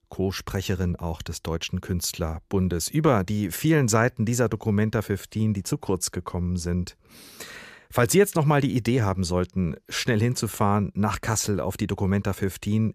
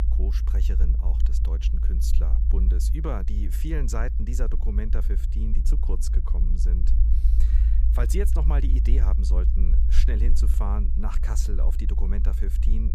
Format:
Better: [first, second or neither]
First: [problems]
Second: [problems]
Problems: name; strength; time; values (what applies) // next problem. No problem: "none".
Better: first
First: none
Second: low rumble; loud; throughout; 6 dB below the speech